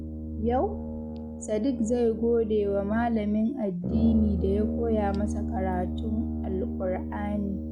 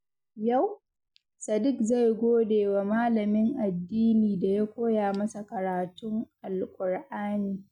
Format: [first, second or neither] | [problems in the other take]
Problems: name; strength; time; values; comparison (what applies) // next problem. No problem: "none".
second | background sound (Brass instrument); 4 dB below the speech